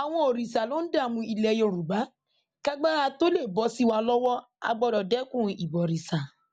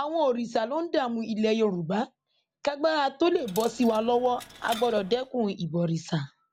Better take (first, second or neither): first